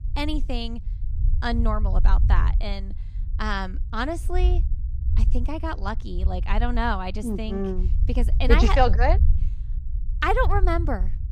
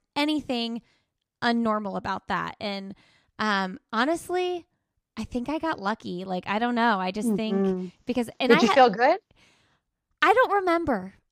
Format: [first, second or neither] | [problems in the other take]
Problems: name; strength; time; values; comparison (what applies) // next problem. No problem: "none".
second | low rumble; noticeable; throughout; 20 dB below the speech